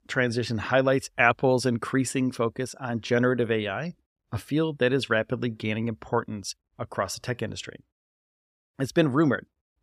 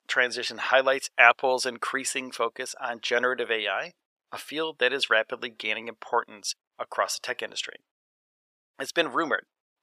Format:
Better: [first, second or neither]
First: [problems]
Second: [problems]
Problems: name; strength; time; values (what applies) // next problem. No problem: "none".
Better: first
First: none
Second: thin; very; fading below 700 Hz